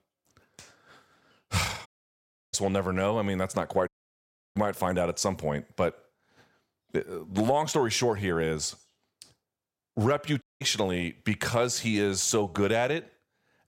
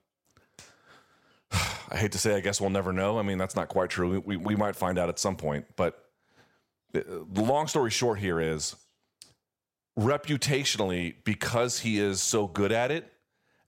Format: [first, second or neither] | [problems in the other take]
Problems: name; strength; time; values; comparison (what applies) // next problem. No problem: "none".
second | audio cutting out; at 2 s for 0.5 s, at 4 s for 0.5 s and at 10 s